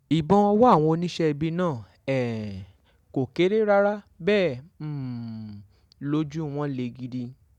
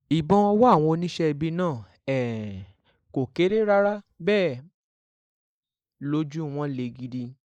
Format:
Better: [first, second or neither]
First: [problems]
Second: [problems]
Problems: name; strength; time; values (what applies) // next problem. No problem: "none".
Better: first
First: none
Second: noise reduction (neural mask model Resemble Enhance denoiser)